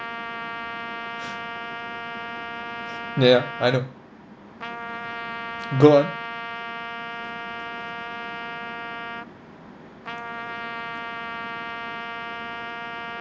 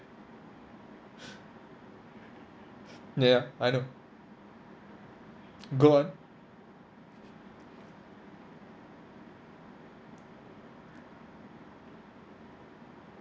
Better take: second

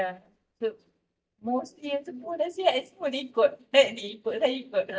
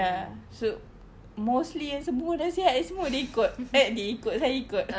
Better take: second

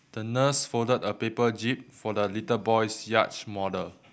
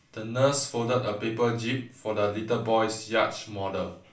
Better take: first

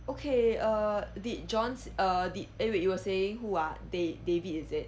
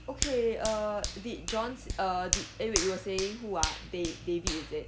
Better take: first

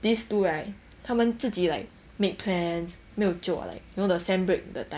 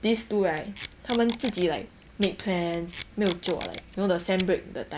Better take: first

